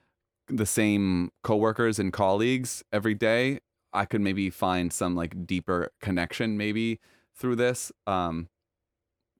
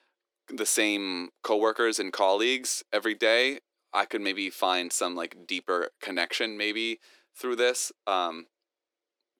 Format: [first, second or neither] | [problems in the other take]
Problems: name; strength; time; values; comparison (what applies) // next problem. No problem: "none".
first | thin; somewhat; fading below 300 Hz